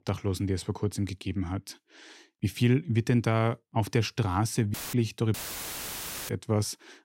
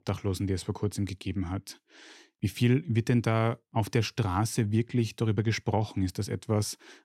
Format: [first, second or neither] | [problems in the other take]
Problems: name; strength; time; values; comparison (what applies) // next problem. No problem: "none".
second | audio cutting out; filled with static; at 4.5 s and at 5.5 s for 1 s